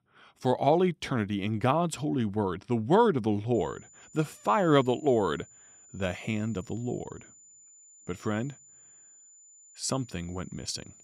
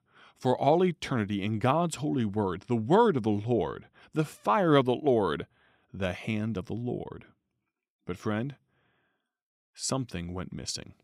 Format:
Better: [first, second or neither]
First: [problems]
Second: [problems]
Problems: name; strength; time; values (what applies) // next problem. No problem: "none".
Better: second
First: high-pitched whine; faint; from 3.5 s on; 7 kHz, 25 dB below the speech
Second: none